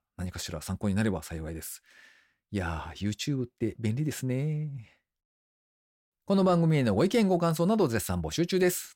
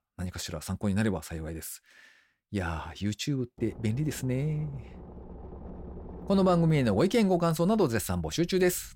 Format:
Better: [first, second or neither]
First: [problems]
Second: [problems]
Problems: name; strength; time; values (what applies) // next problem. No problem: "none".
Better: first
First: none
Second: low rumble; noticeable; from 3.5 s on; 20 dB below the speech